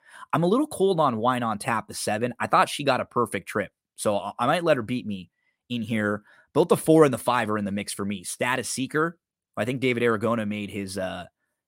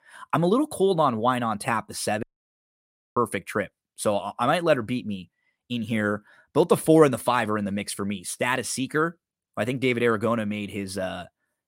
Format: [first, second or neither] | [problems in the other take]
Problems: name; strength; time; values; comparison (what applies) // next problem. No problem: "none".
first | audio cutting out; at 2 s for 1 s